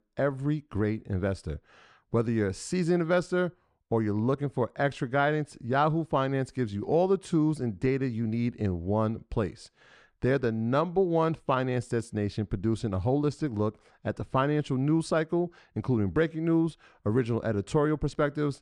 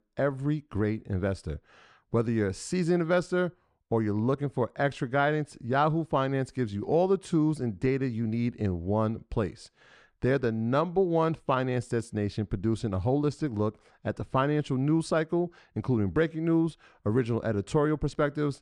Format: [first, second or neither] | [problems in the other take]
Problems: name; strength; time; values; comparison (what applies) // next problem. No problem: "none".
neither | none